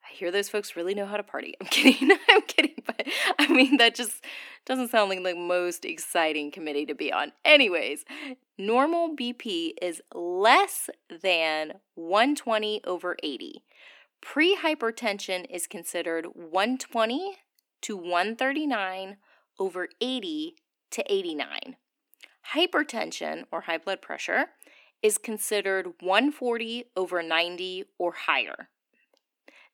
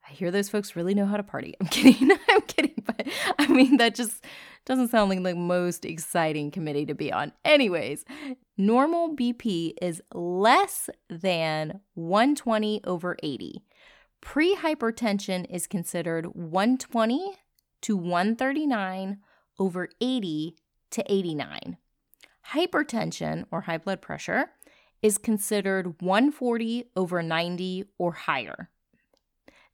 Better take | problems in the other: second | thin; very slightly; fading below 300 Hz

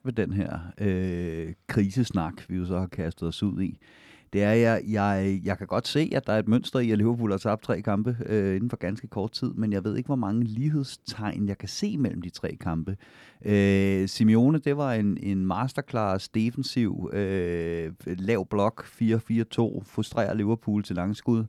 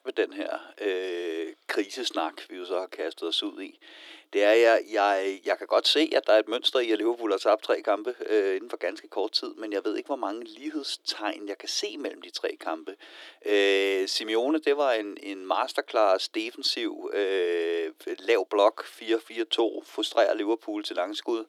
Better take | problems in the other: first | thin; very; fading below 300 Hz

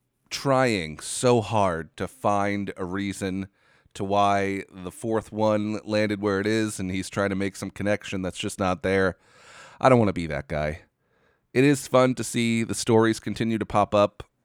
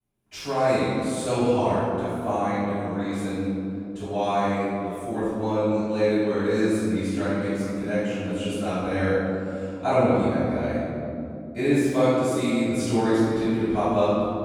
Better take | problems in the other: first | room echo; strong; dies away in 3 s // off-mic speech; far

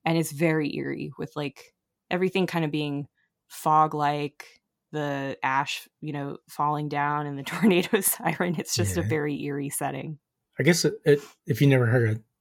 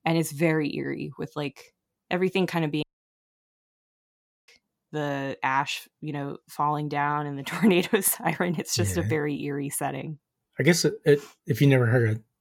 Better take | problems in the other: first | audio cutting out; at 3 s for 1.5 s

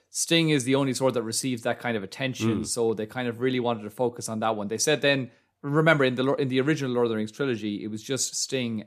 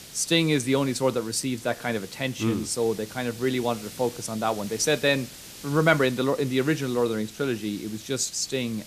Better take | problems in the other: first | hiss; noticeable; throughout; 15 dB below the speech

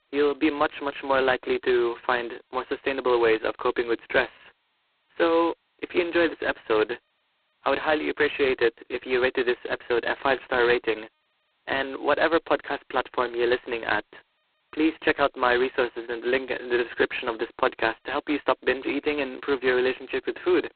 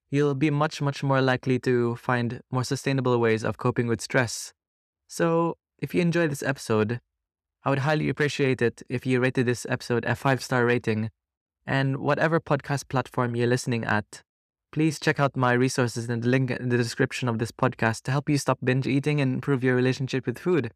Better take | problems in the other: second | phone-call audio; poor line; nothing above 4 kHz

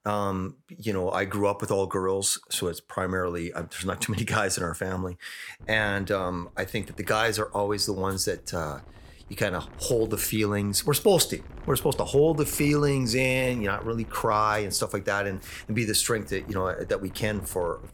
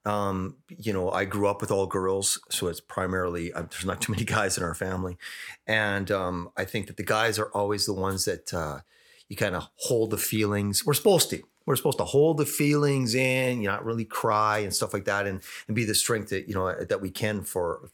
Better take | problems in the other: second | wind noise on the microphone; occasional gusts; from 5.5 s on; 25 dB below the speech

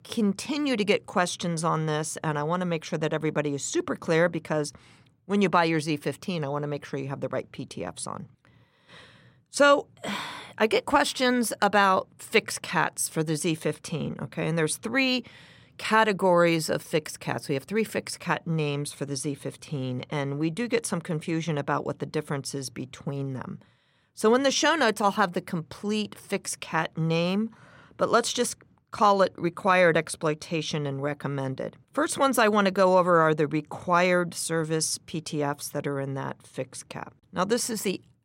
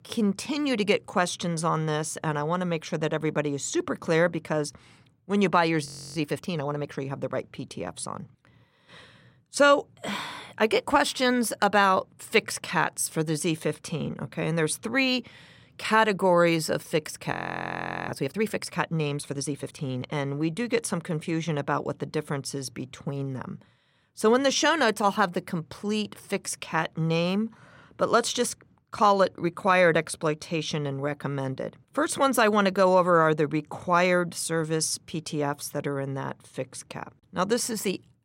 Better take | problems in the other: first | audio freezing; at 6 s and at 17 s for 1 s

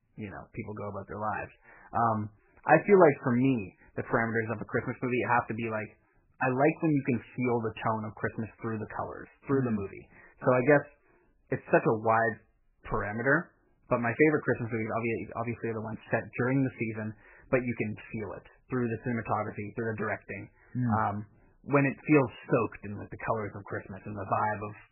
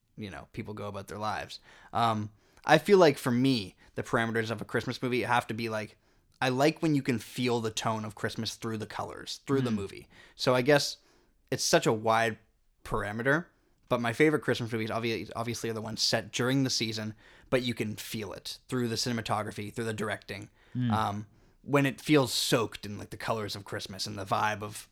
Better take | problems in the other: second | garbled, watery; badly; nothing above 2.5 kHz

